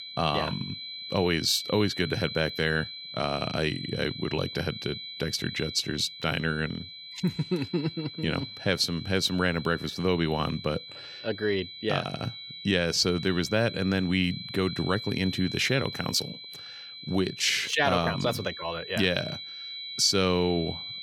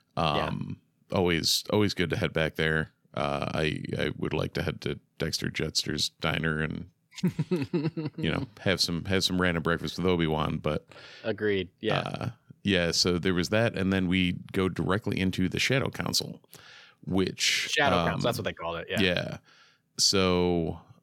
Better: second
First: high-pitched whine; noticeable; throughout; 4 kHz, 10 dB below the speech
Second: none

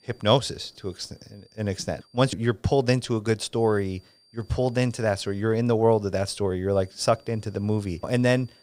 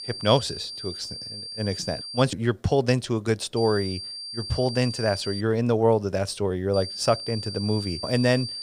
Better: first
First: high-pitched whine; faint; until 2 s, from 3.5 to 5.5 s and from 6.5 s on; 4.5 kHz, 30 dB below the speech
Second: high-pitched whine; loud; until 2 s, from 3.5 to 5.5 s and from 6.5 s on; 4.5 kHz, 8 dB below the speech

